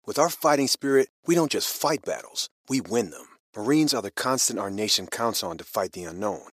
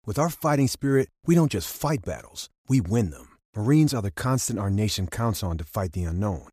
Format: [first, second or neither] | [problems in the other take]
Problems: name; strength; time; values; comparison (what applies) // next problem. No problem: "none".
second | thin; somewhat; fading below 400 Hz